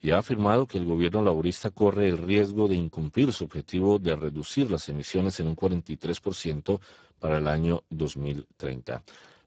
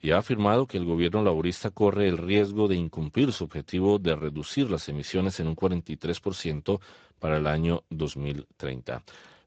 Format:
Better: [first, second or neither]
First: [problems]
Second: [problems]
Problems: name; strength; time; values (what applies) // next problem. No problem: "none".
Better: second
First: garbled, watery; badly; nothing above 7.5 kHz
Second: garbled, watery; slightly; nothing above 8 kHz